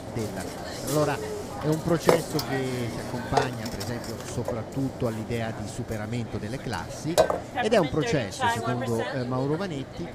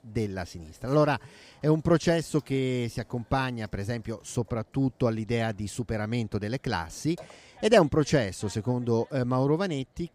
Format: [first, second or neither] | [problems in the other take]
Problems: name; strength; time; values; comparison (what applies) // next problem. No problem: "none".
second | hiss; loud; throughout; 1 dB below the speech; faint in the second